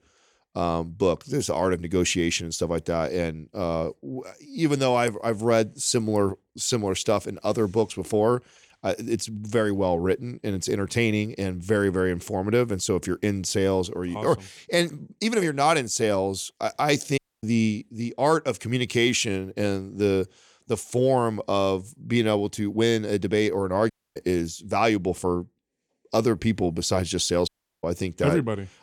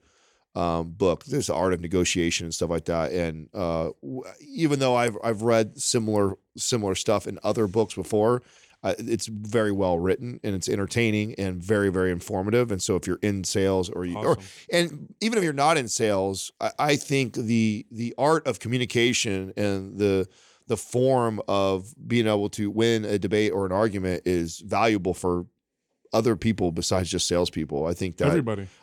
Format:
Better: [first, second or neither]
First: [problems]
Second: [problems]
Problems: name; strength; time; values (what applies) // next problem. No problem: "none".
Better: second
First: audio cutting out; at 17 s, at 24 s and at 27 s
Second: none